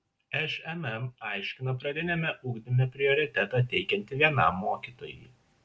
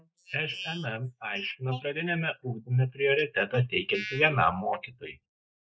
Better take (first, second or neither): first